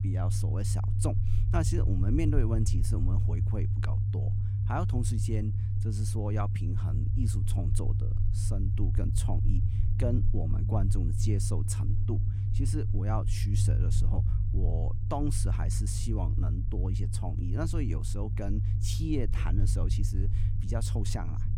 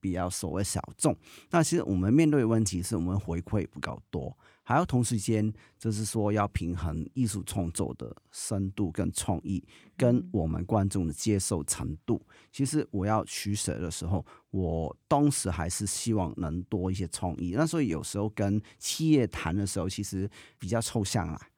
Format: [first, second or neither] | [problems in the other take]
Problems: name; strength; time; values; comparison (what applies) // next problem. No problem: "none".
second | low rumble; loud; throughout; 4 dB below the speech